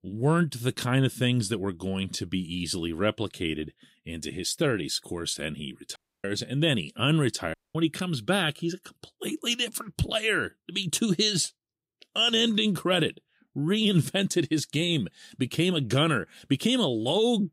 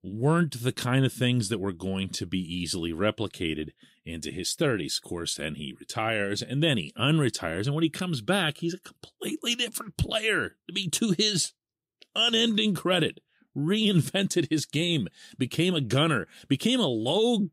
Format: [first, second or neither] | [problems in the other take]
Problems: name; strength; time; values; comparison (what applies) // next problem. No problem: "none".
second | audio cutting out; at 6 s and at 7.5 s